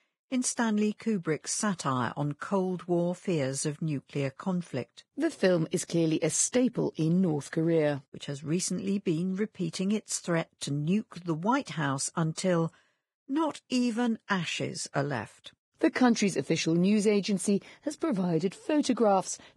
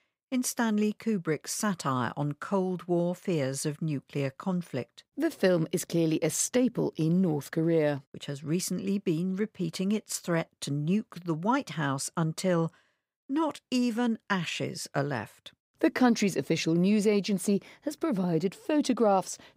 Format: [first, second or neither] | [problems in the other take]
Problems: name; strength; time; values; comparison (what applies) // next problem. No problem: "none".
second | garbled, watery; badly; nothing above 10 kHz